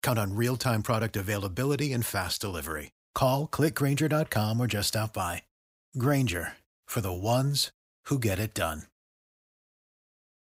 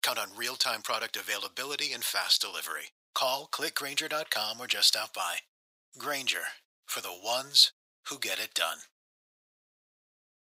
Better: first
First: none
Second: thin; very; fading below 750 Hz

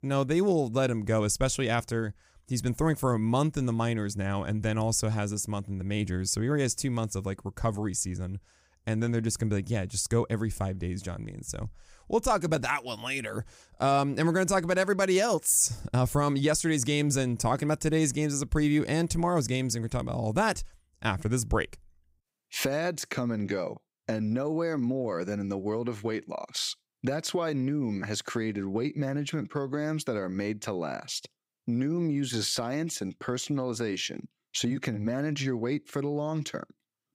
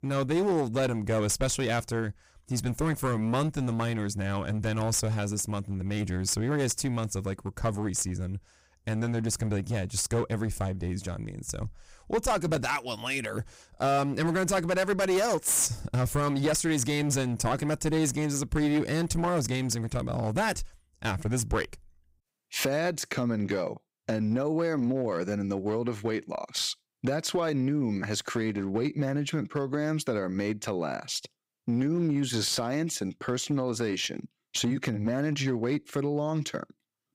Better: first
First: none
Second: distortion; slight; 8% of the sound clipped

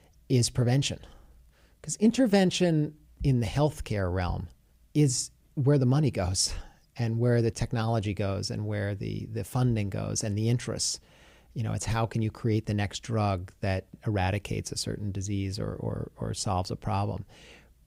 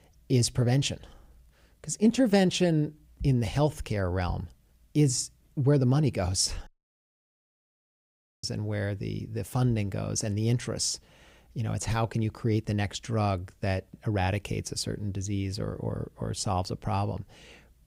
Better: first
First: none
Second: audio cutting out; at 6.5 s for 2 s

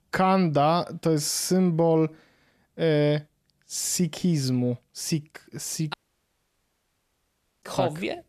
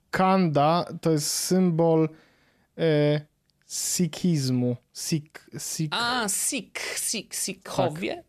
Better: second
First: audio cutting out; at 6 s for 1.5 s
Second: none

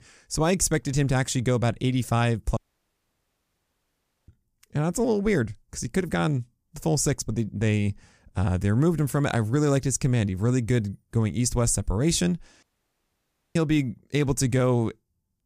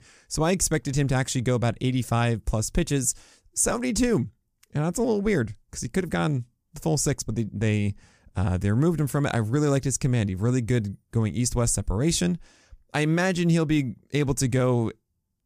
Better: second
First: audio cutting out; at 2.5 s for 1.5 s and at 13 s for 1 s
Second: none

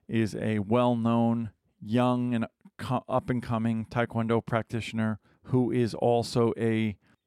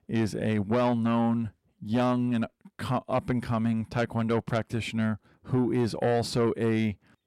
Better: first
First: none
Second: distortion; slight; 10 dB below the speech

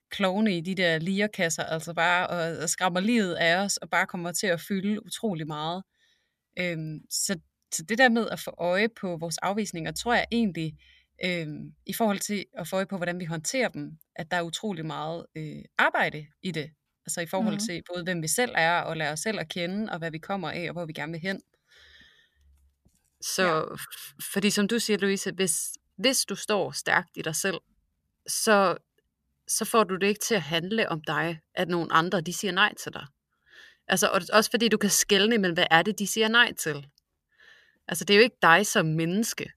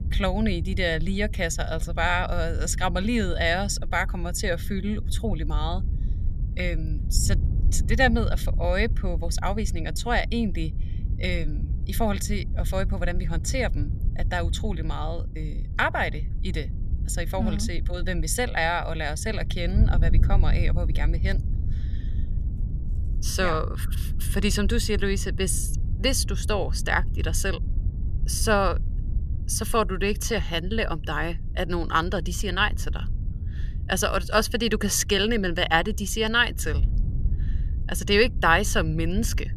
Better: first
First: none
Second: wind noise on the microphone; occasional gusts; 20 dB below the speech

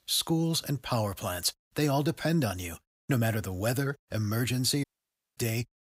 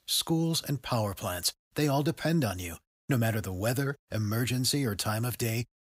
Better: second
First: audio cutting out; at 5 s for 0.5 s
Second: none

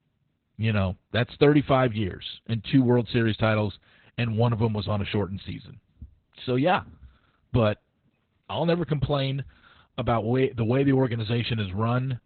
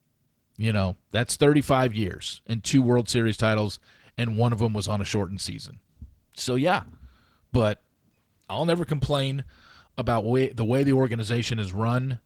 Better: second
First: garbled, watery; badly; nothing above 4 kHz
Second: garbled, watery; slightly

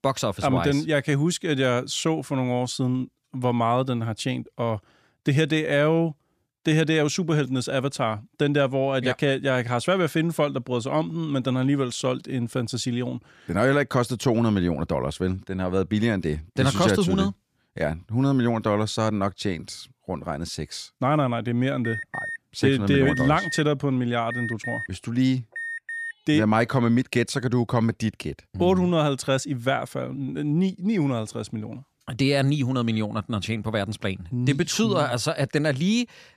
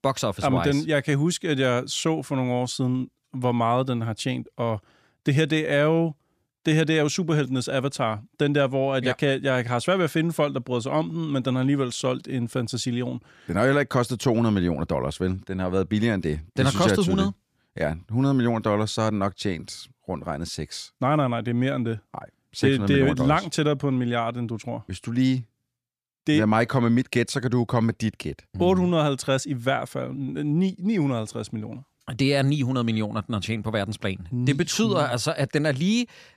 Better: second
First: alarm; noticeable; from 22 to 26 s; peak 6 dB below the speech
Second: none

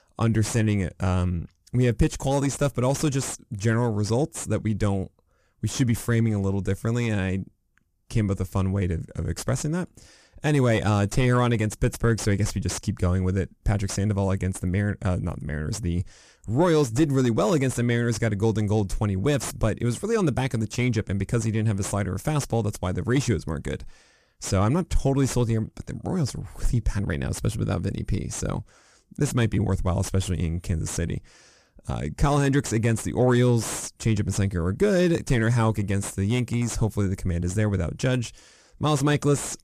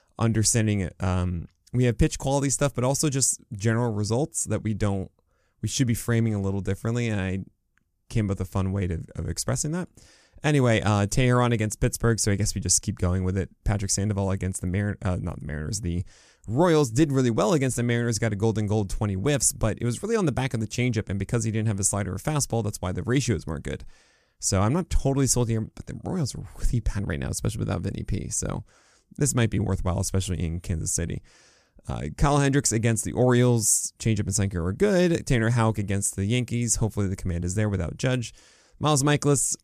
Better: second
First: distortion; slight; 10 dB below the speech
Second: none

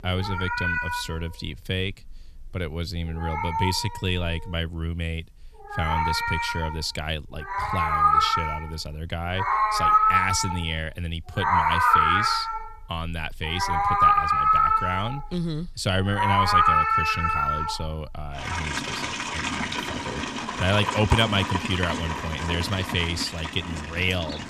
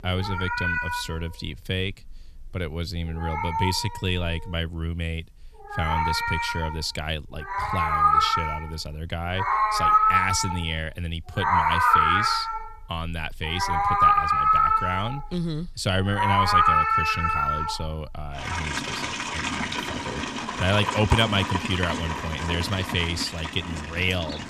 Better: neither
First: animal sounds; very loud; throughout; 4 dB above the speech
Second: animal sounds; very loud; throughout; 4 dB above the speech

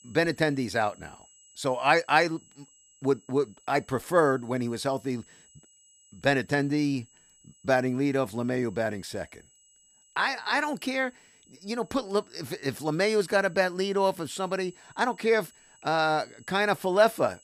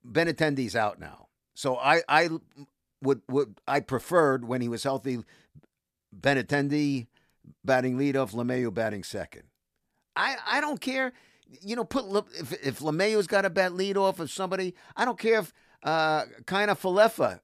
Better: second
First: high-pitched whine; faint; throughout; 7.5 kHz, 30 dB below the speech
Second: none

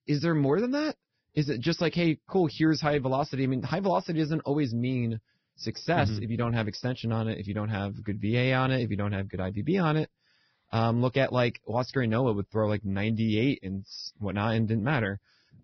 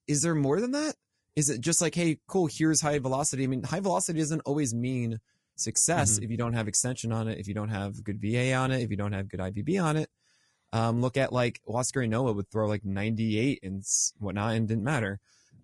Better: second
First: garbled, watery; badly; nothing above 5.5 kHz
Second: garbled, watery; slightly; nothing above 10.5 kHz

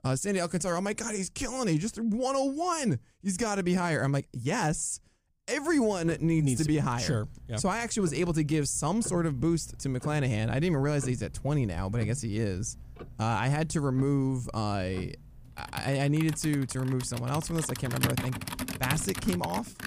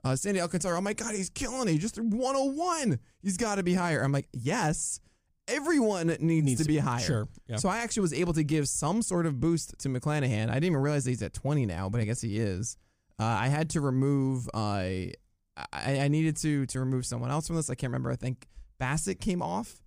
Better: second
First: household noises; noticeable; from 6 s on; 10 dB below the speech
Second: none

